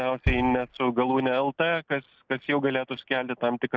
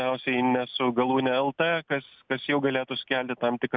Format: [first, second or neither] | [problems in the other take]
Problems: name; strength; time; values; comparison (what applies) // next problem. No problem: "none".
second | noise reduction (neural separator model SepFormer DNS4)